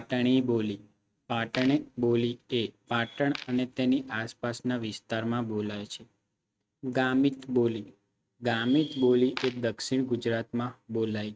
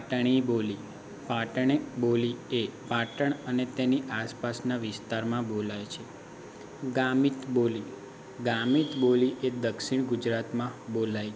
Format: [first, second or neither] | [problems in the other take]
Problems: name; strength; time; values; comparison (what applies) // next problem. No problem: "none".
second | noise reduction (neural mask model RNNoise)